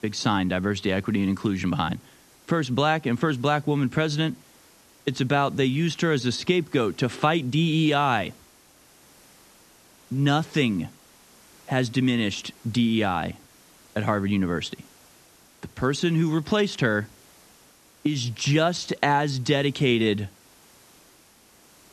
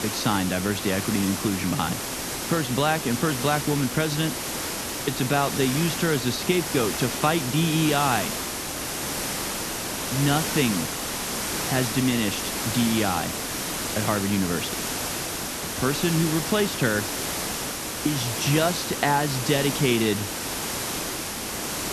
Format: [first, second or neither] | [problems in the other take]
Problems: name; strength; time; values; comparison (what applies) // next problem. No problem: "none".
first | hiss; loud; throughout; 3 dB below the speech; faint in the first